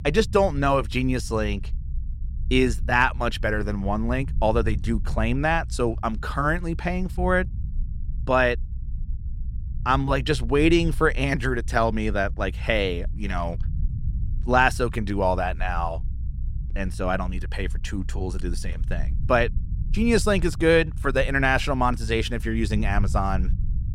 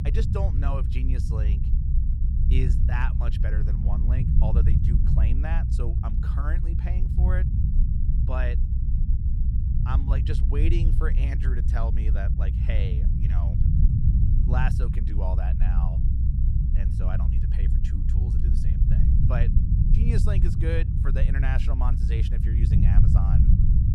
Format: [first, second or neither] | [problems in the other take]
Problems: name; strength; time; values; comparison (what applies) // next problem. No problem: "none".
first | low rumble; loud; throughout; 2 dB below the speech; faint in the first